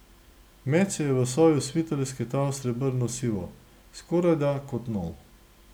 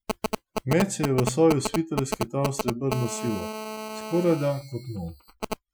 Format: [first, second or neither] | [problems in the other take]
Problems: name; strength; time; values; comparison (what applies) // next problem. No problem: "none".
first | noise reduction (classical method Wiener filter)